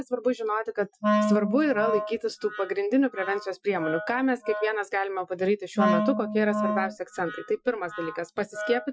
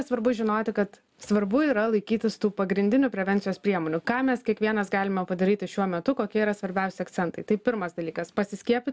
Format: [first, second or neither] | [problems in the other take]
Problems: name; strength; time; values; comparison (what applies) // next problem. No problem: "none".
second | noise reduction (classical method Wiener filter)